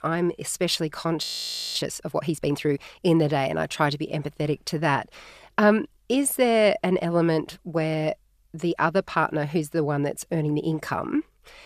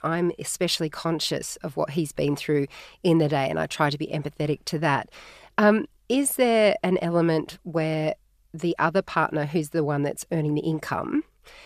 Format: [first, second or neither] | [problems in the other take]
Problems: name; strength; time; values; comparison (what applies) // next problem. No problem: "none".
second | audio freezing; at 1 s for 0.5 s